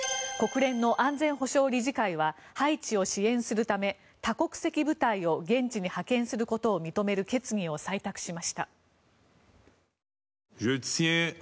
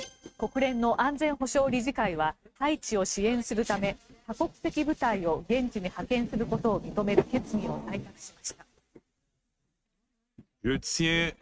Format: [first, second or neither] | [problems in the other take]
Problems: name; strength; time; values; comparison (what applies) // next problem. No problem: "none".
first | noise reduction (neural mask model RNNoise)